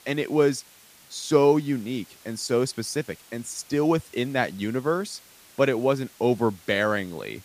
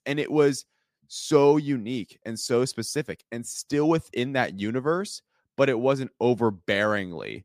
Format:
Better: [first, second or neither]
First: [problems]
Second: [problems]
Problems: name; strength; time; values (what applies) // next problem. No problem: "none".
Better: second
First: hiss; faint; throughout; 25 dB below the speech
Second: none